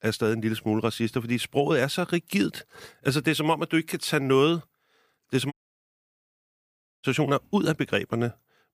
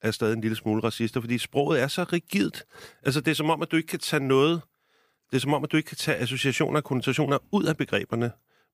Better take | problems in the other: second | audio cutting out; at 5.5 s for 1.5 s

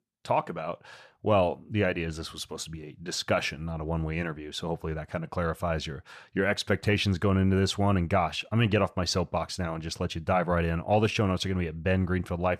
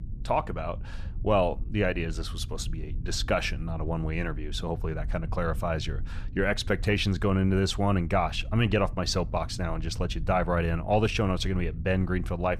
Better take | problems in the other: first | low rumble; faint; throughout; 25 dB below the speech

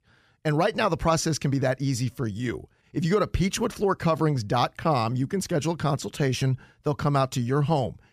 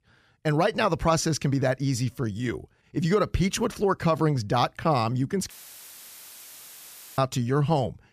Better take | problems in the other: first | audio cutting out; filled with static; at 5.5 s for 1.5 s

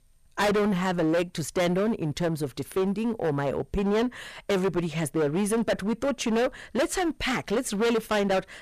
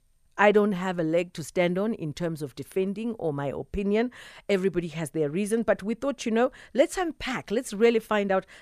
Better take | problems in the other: second | distortion; heavy; 19% of the sound clipped

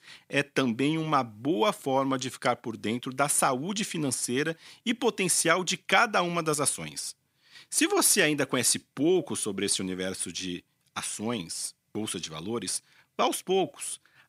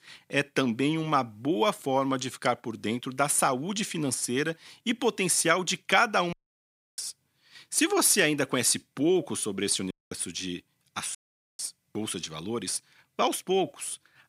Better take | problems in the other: first | audio cutting out; at 6.5 s for 0.5 s, at 10 s and at 11 s

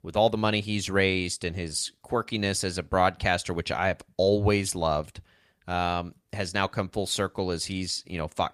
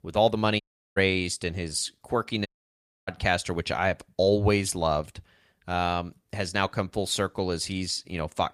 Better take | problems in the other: first | audio cutting out; at 0.5 s and at 2.5 s for 0.5 s

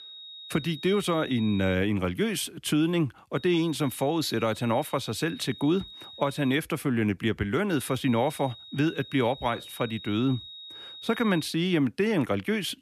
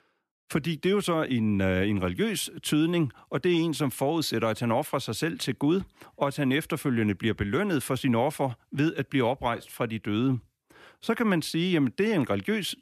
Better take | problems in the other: second | high-pitched whine; noticeable; until 1.5 s, from 3.5 to 6.5 s and from 7.5 to 12 s; 4 kHz, 15 dB below the speech

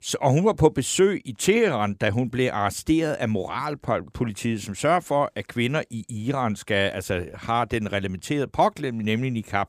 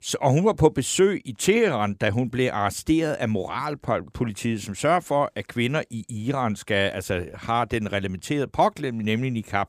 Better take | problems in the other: neither | none

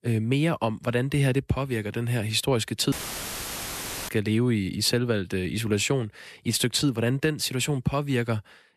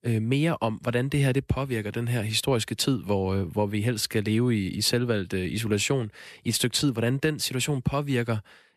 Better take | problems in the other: second | audio cutting out; filled with static; at 3 s for 1 s

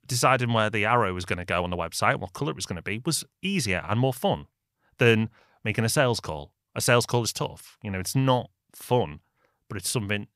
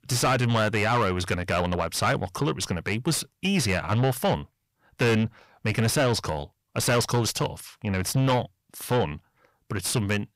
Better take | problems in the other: first | distortion; heavy; 6 dB below the speech

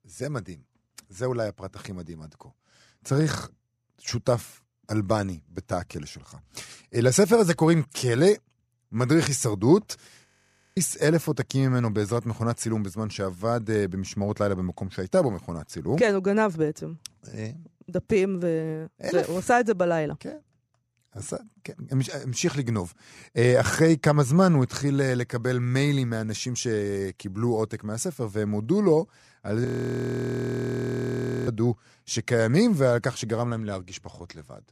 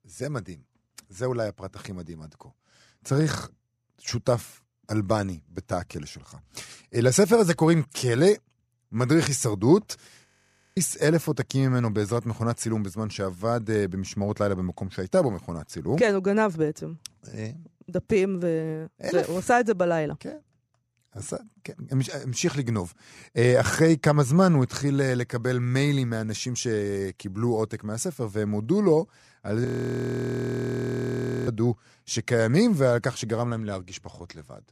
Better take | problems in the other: neither | audio freezing; at 10 s for 0.5 s and at 30 s for 2 s; the same in both

